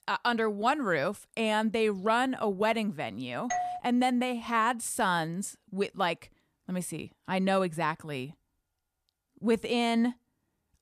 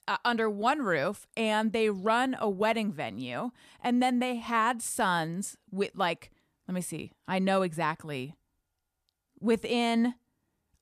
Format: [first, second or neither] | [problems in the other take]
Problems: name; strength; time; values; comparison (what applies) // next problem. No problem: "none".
second | doorbell; noticeable; at 3.5 s; peak 3 dB below the speech